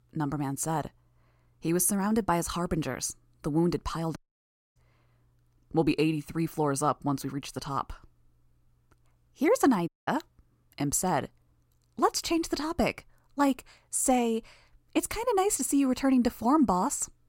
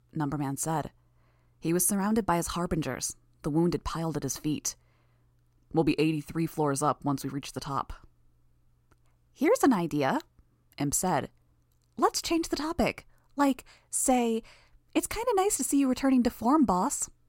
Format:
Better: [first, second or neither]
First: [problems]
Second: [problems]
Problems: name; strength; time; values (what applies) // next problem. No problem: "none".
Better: second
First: audio cutting out; at 4 s for 0.5 s and at 10 s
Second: none